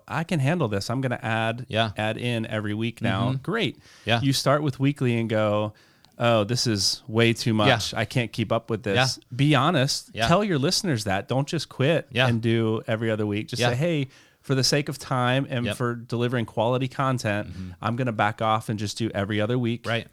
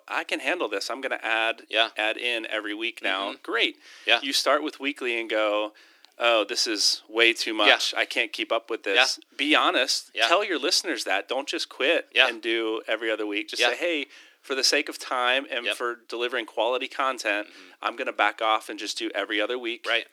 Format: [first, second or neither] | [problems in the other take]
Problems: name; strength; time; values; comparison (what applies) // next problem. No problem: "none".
first | thin; very; fading below 300 Hz